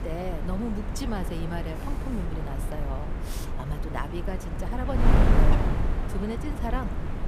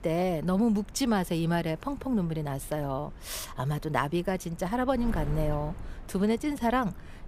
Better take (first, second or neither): second